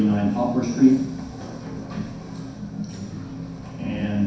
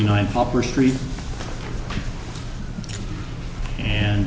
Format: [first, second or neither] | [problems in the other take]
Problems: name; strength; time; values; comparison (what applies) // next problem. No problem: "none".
second | room echo; dies away in 0.6 s